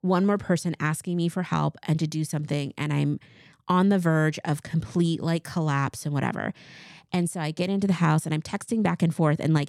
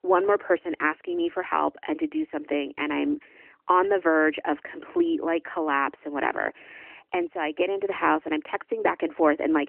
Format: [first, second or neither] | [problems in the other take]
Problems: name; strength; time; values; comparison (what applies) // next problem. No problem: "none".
first | phone-call audio; nothing above 3 kHz